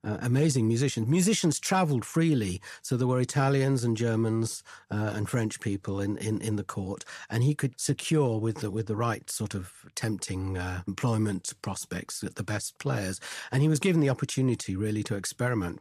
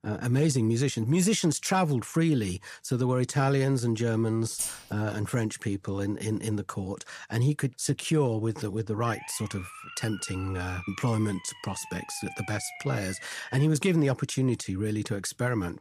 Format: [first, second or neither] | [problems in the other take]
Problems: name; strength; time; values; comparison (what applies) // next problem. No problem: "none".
first | jangling keys; noticeable; at 4.5 s; peak 3 dB below the speech // siren; faint; from 9 to 14 s; peak 10 dB below the speech